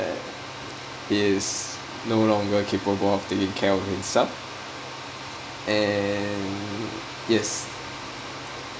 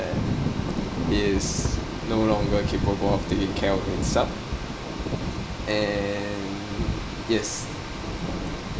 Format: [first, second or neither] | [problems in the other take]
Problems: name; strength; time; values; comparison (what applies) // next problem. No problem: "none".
first | background sound (Thunder / Rain); 1 dB below the speech